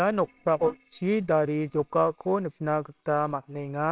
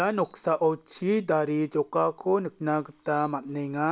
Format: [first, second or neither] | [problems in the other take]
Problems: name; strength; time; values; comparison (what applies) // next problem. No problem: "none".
second | noise reduction (neural separator model SepFormer WHAMR!)